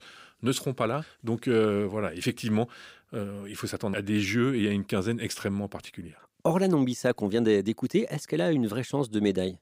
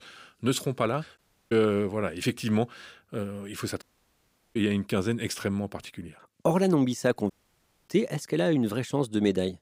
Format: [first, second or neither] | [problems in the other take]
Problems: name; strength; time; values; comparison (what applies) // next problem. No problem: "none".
first | audio cutting out; at 1 s, at 4 s for 0.5 s and at 7.5 s for 0.5 s